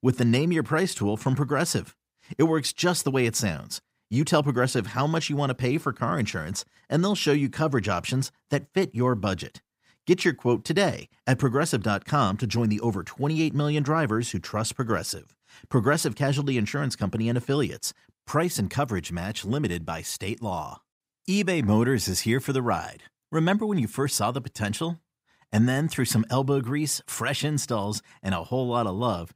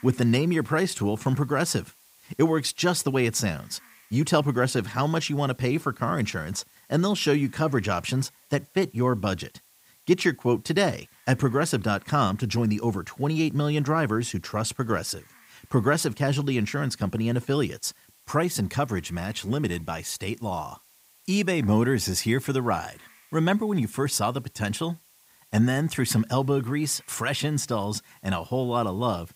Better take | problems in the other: first | hiss; faint; throughout; 30 dB below the speech

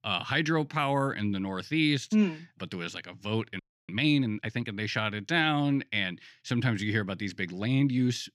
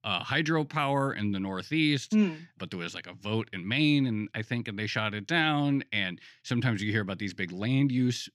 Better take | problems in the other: second | audio freezing; at 3.5 s

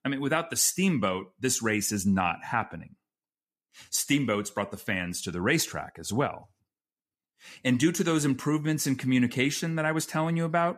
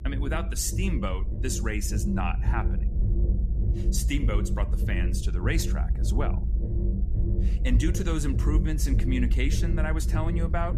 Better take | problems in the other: first | low rumble; loud; throughout; 8 dB below the speech

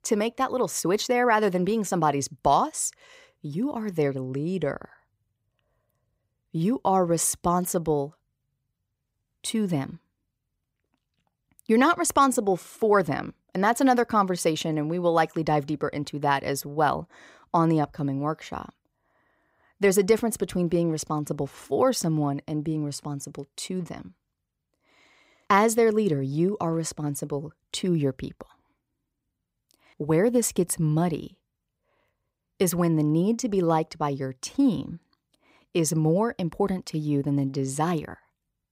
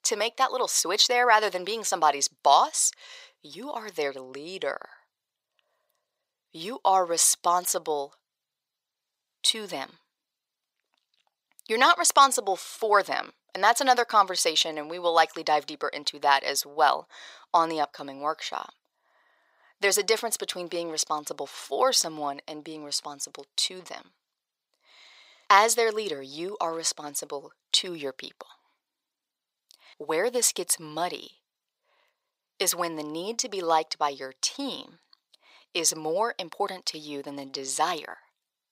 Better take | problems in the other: first | thin; very; fading below 700 Hz

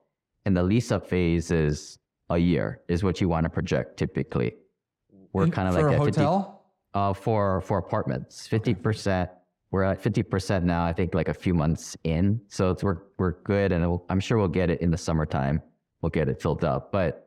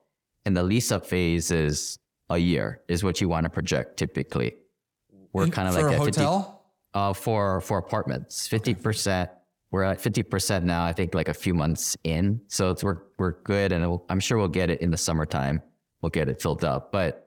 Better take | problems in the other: second | muffled; slightly; fading above 1.5 kHz

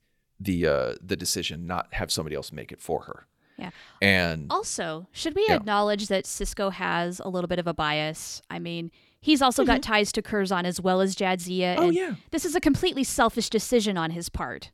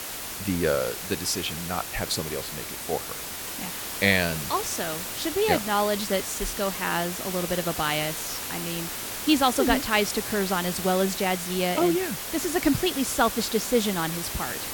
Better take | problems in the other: first | hiss; loud; throughout; 5 dB below the speech

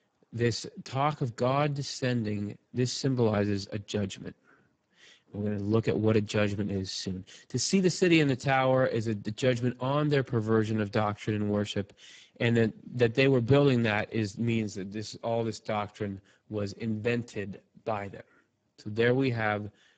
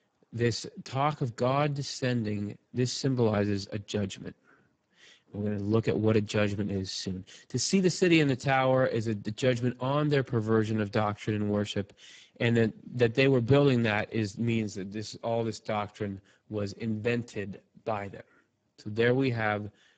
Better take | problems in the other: neither | garbled, watery; badly; nothing above 7.5 kHz; the same in both

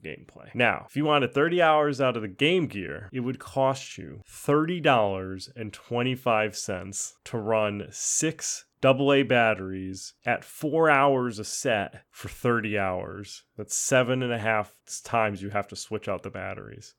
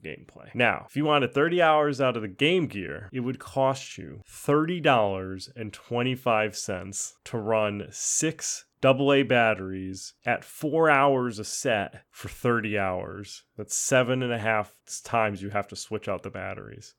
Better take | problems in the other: neither | none

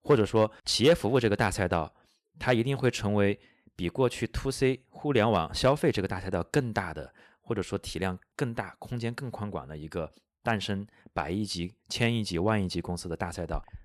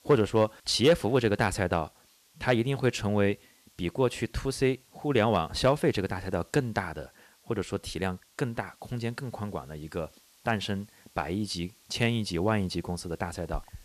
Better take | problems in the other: first | hiss; faint; throughout; 30 dB below the speech

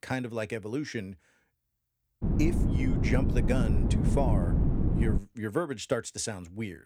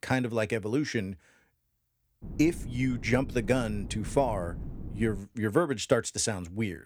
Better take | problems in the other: second | wind noise on the microphone; heavy; from 2 to 5 s; 3 dB below the speech; occasional gusts in the second

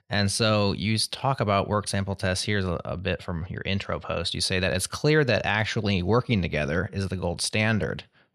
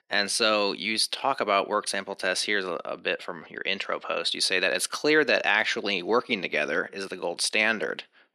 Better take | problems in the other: first | thin; somewhat; fading below 300 Hz

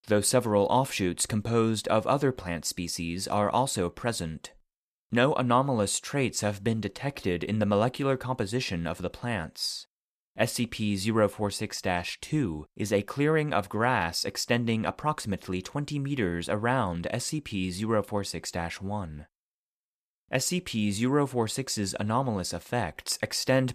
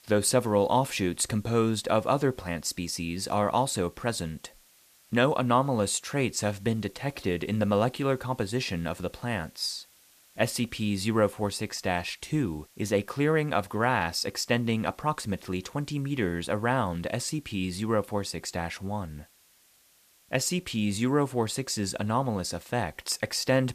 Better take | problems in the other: first | hiss; faint; throughout; 30 dB below the speech

